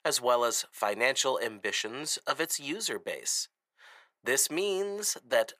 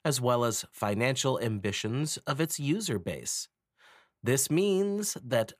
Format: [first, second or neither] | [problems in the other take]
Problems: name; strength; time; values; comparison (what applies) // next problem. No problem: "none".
second | thin; very; fading below 550 Hz